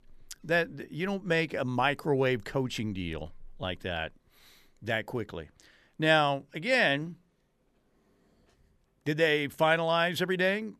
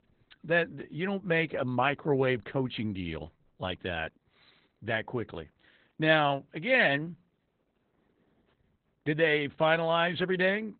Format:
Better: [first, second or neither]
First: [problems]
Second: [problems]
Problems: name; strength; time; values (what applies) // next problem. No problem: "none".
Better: first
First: none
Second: garbled, watery; badly; nothing above 3.5 kHz